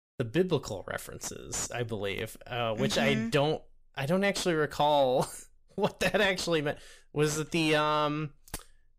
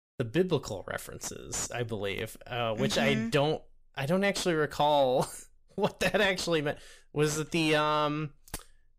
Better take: neither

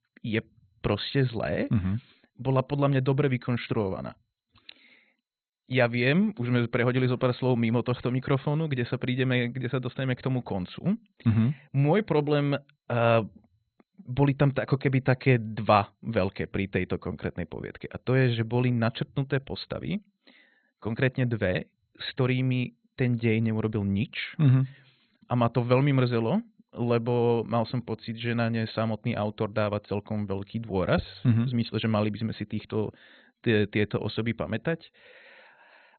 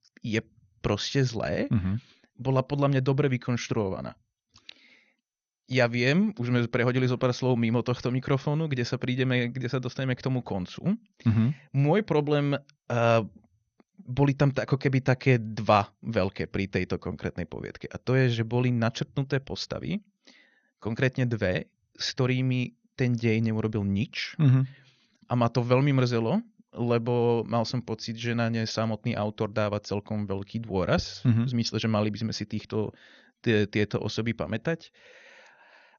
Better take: second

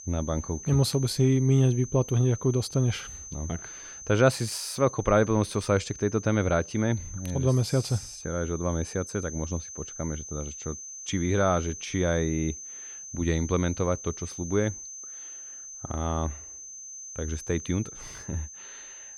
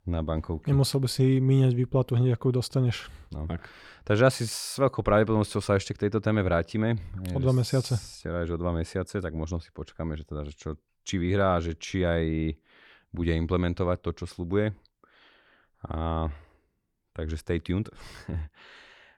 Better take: second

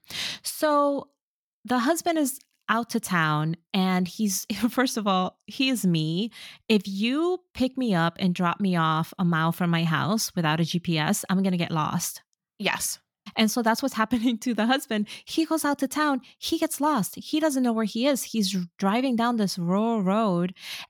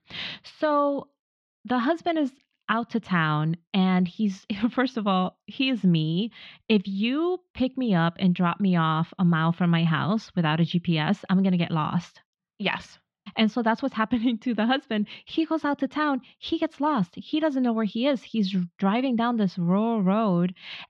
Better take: first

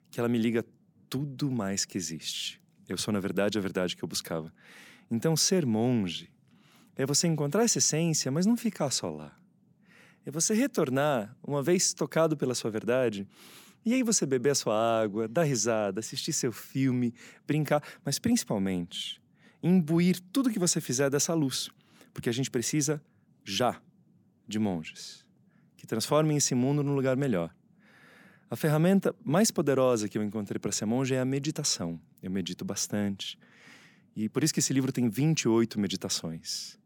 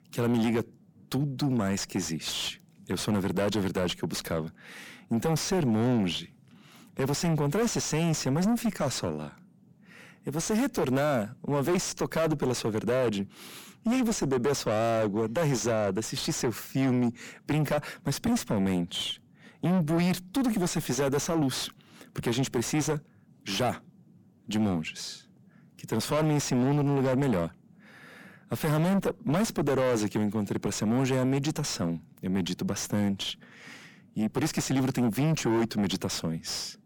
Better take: first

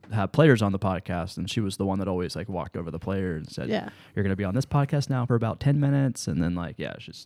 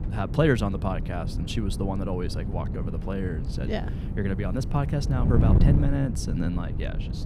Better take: first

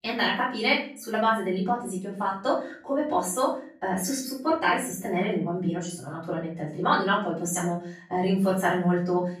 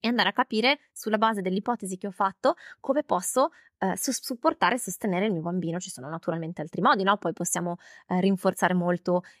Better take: second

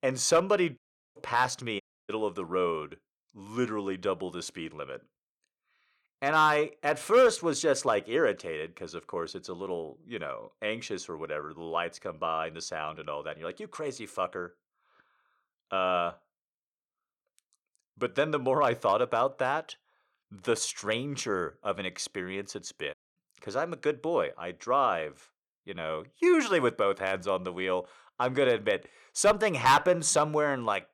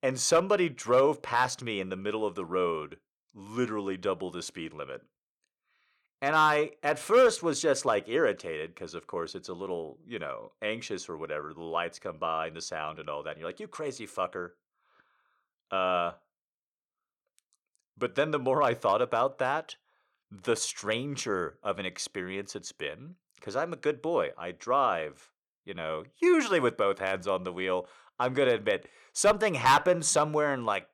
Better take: second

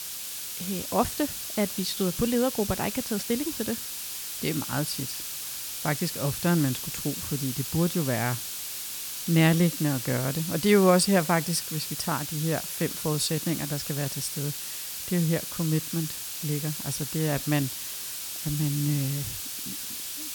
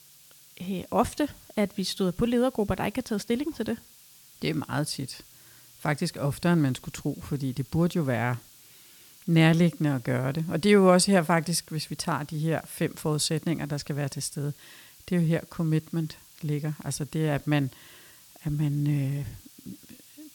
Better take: second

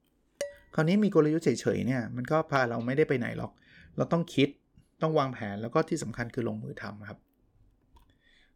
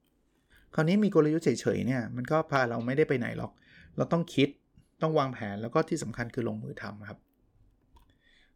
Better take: second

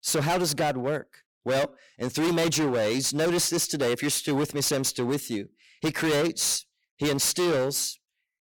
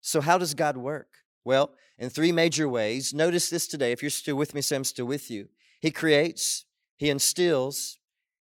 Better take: second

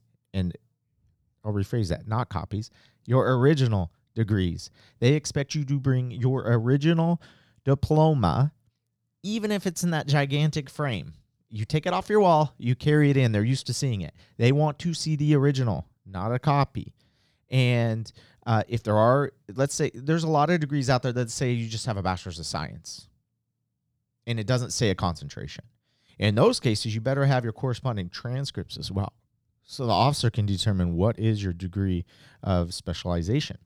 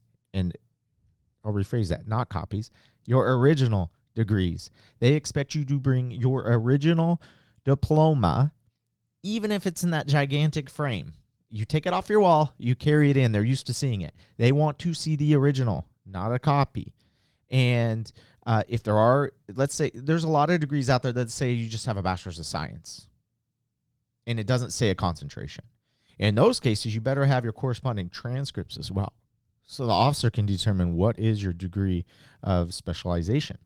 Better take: first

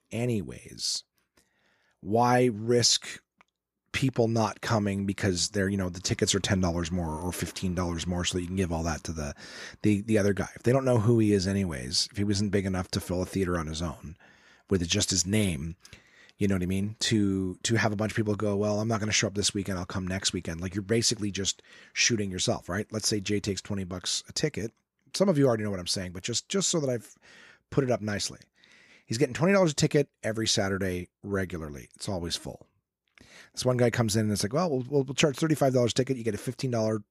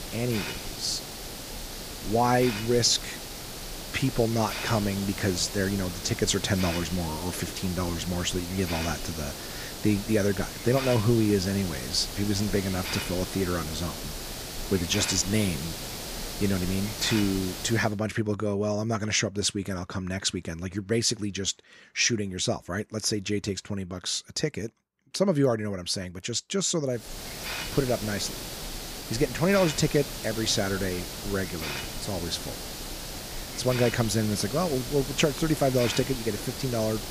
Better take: first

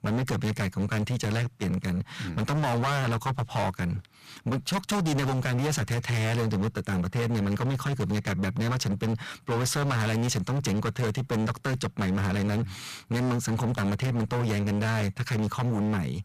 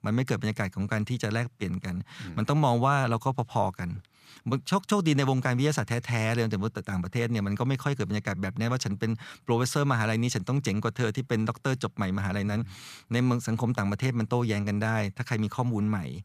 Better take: second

